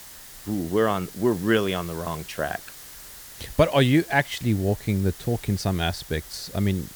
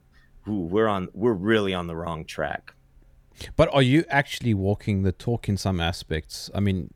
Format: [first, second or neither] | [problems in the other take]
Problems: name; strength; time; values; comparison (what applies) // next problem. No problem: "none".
second | hiss; noticeable; throughout; 15 dB below the speech